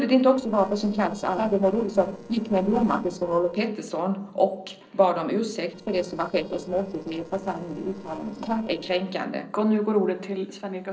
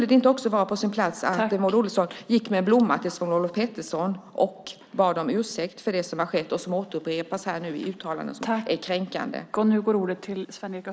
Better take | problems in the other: second | noise reduction (neural separator model SepFormer DNS4)

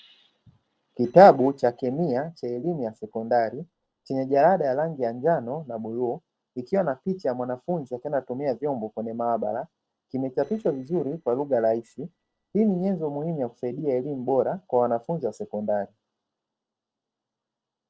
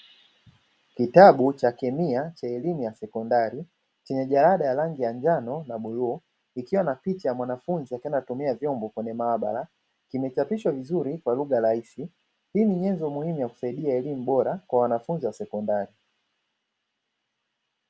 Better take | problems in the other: second | noise reduction (neural separator model SepFormer DNS4)

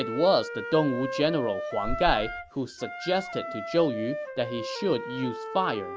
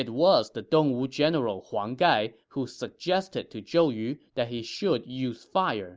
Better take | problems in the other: second | background sound (Squeak + Wind instrument, woodwind instrument); 6 dB below the speech

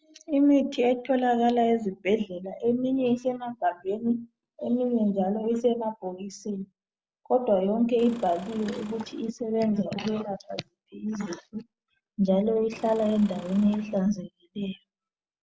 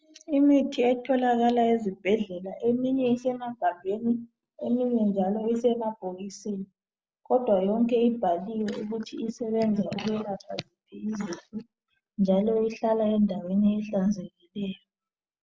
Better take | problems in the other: second | background sound (Engine / Car); 17 dB below the speech

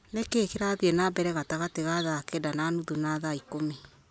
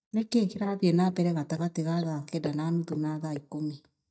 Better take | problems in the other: first | noise reduction (neural mask model DeepFilterNet 3)

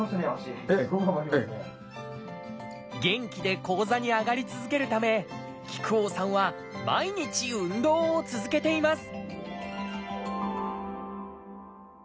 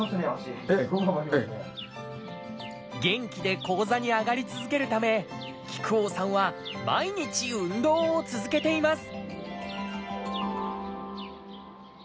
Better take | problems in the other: first | background sound (Chirp, tweet); 20 dB below the speech

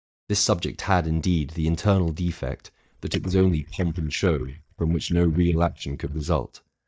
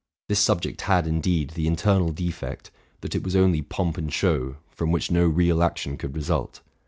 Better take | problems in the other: second | noise reduction (neural mask model DeepFilterNet 3)

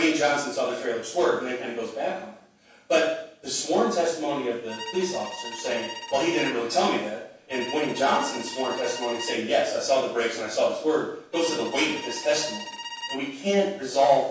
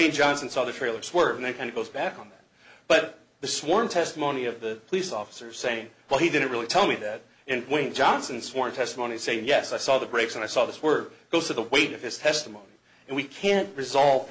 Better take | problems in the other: second | background sound (Bowed string instrument); 12 dB below the speech // room echo; dies away in 0.7 s

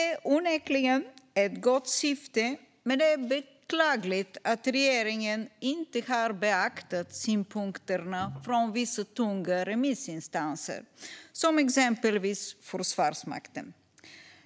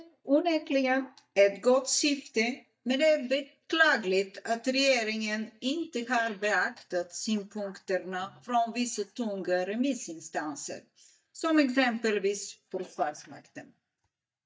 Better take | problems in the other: first | noise reduction (neural mask model DeepFilterNet 3)

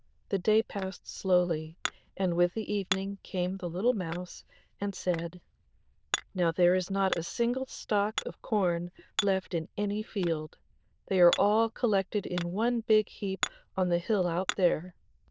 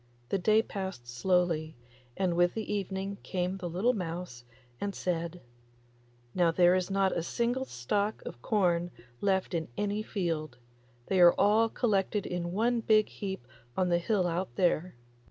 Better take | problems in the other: second | noise reduction (neural diffusion model UNIVERSE++)

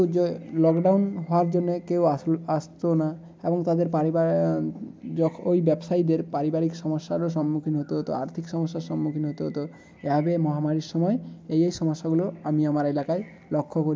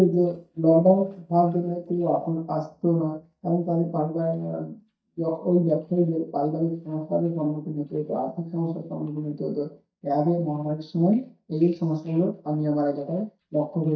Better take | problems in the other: first | noise reduction (neural mask model DeepFilterNet 3)

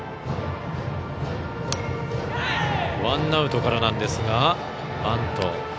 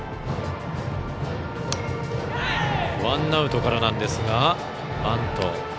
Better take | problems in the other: first | background sound (Drum kit); 16 dB below the speech

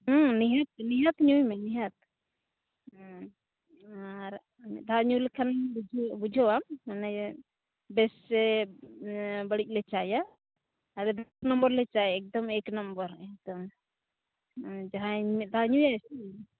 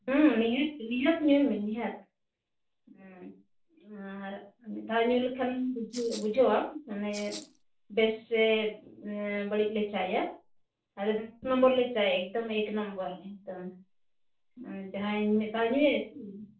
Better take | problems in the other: first | noise reduction (neural separator model SepFormer DNS4)

